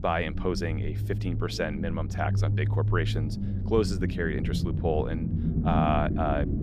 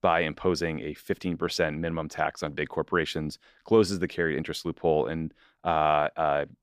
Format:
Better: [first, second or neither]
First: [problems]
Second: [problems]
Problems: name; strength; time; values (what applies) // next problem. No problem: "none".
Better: second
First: low rumble; loud; throughout; 9 dB below the speech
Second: none